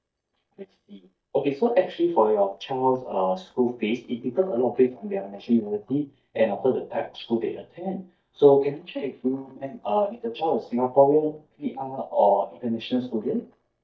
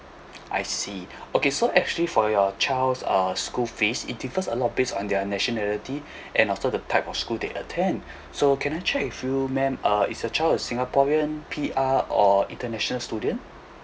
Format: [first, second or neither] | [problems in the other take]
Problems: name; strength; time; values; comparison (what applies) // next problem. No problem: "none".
second | noise reduction (neural mask model DeepFilterNet 3)